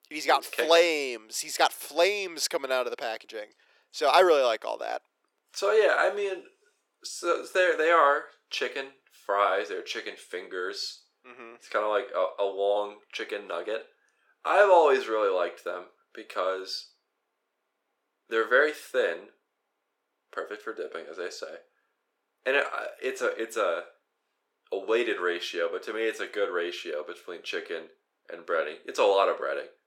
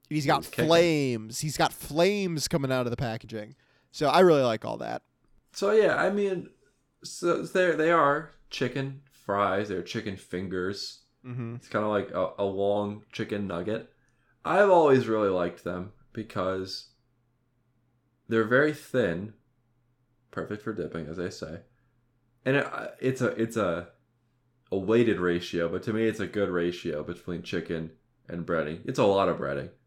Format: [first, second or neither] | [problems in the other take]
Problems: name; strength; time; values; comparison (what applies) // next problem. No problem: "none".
second | thin; very; fading below 450 Hz